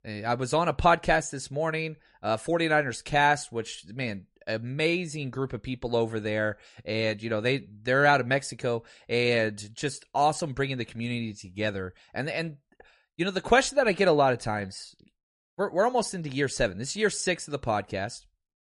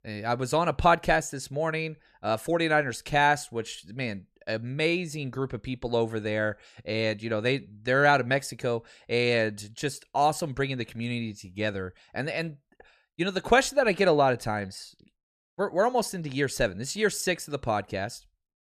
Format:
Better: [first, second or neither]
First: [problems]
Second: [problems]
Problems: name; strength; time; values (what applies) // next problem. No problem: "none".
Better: second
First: garbled, watery; slightly; nothing above 10.5 kHz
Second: none